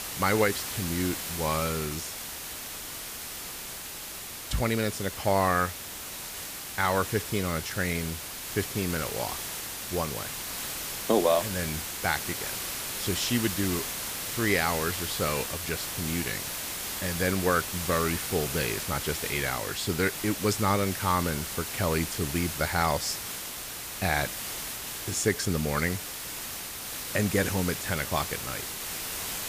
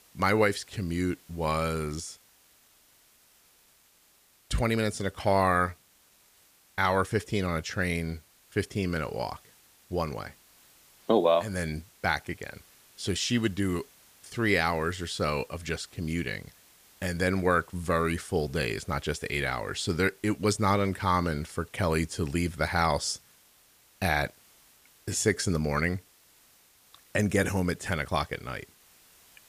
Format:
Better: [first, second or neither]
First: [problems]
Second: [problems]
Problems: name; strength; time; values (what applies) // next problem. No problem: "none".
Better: second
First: hiss; loud; throughout; 4 dB below the speech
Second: hiss; faint; throughout; 30 dB below the speech